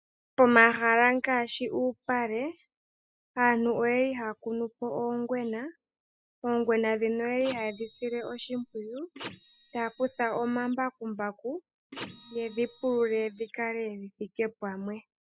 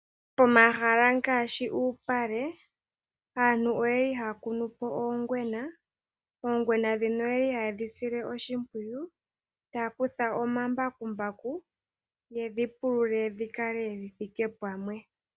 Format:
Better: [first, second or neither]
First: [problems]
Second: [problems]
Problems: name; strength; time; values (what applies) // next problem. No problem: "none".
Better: second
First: noise reduction (classical method spectral subtraction)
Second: none